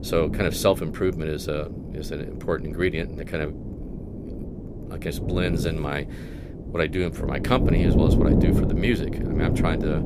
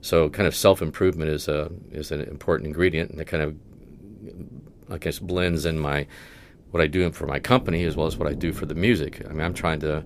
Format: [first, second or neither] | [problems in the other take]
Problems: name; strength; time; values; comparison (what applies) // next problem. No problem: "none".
second | wind noise on the microphone; heavy; 6 dB below the speech; occasional gusts in the second